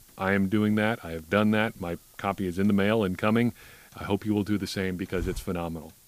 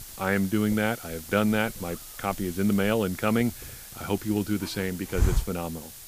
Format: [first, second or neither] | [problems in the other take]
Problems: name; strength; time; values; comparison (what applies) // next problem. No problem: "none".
first | hiss; loud; throughout; 9 dB below the speech; faint in the first